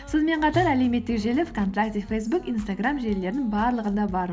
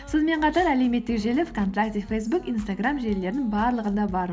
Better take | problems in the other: second | background sound (Tabla); 14 dB below the speech

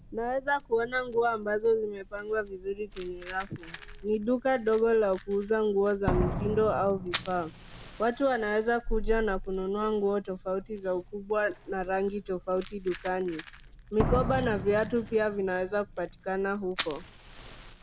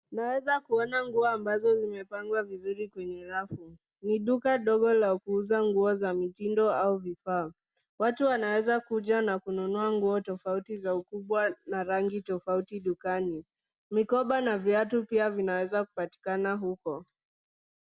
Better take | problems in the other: second | background sound (Fire + Slam); 9 dB below the speech

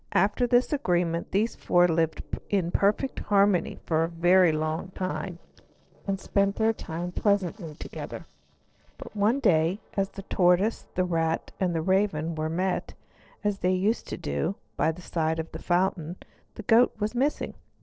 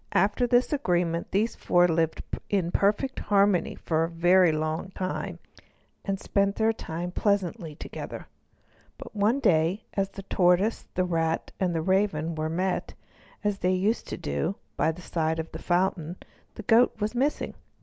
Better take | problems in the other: second | noise reduction (neural separator model SepFormer DNS4)

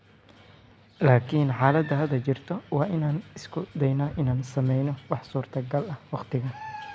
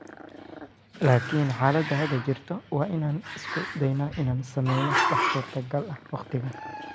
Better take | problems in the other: first | background sound (Growling); 6 dB below the speech

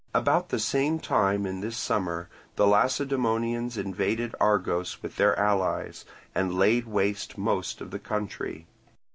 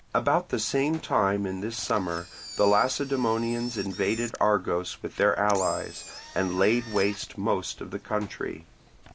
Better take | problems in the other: first | background sound (Engine); 17 dB below the speech

